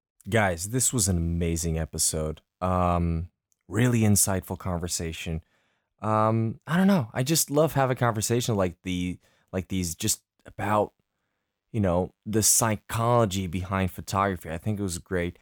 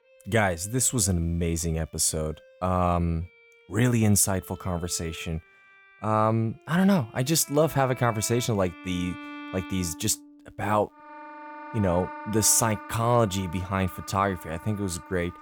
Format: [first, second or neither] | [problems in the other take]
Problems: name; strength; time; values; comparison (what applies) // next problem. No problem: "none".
first | background music; noticeable; throughout; 15 dB below the speech